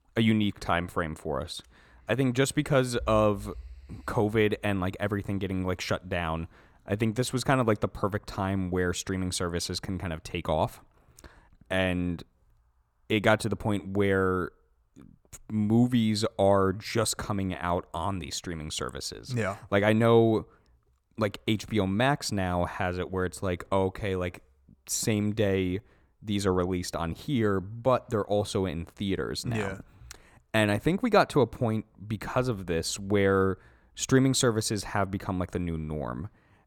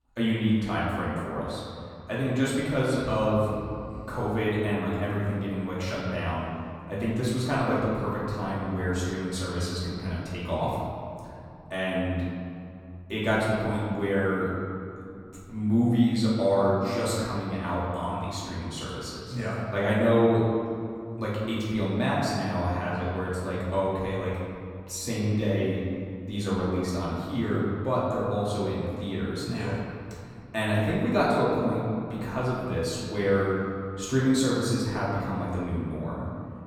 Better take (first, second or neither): first